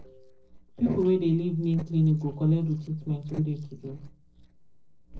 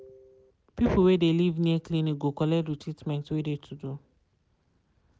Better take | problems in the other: second | noise reduction (neural separator model SepFormer DNS4)

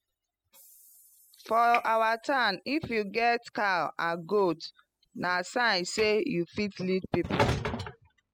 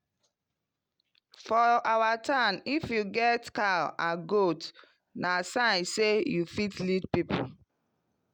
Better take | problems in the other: second | noise reduction (classical method spectral subtraction)

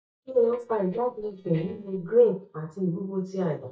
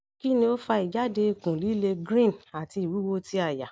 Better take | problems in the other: second | noise reduction (neural mask model DeepFilterNet 3)

